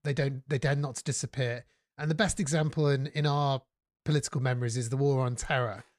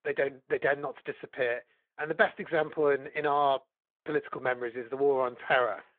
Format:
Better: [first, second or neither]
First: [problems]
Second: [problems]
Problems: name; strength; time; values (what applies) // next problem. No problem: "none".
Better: first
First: none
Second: phone-call audio